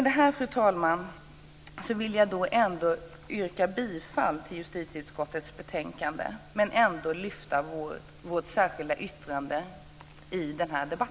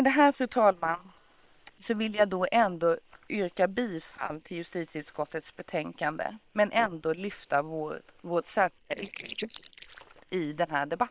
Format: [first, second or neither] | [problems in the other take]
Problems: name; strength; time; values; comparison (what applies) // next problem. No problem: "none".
first | noise reduction (neural separator model SepFormer WHAM!)